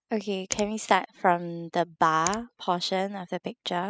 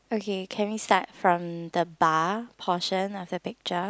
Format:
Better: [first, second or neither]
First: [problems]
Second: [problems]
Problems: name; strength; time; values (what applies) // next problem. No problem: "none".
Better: second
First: noise reduction (classical method spectral subtraction)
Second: none